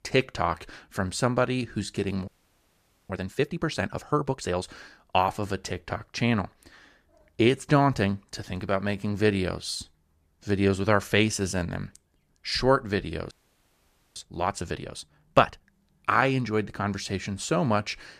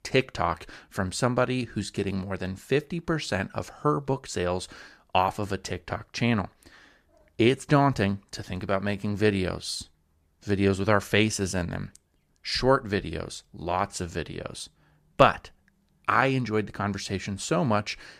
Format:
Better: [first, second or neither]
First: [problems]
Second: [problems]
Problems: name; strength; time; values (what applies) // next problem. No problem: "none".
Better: second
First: audio freezing; at 2.5 s for 1 s and at 13 s for 1 s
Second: none